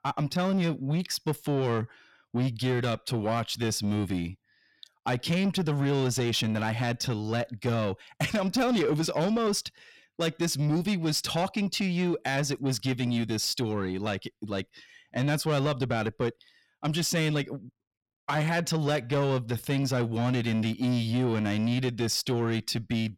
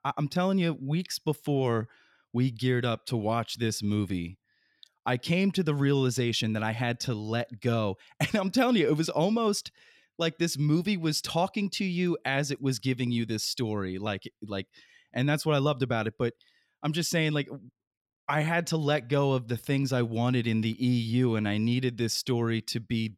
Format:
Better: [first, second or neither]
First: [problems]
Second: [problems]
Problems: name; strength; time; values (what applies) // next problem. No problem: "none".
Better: second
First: distortion; slight; 10 dB below the speech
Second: none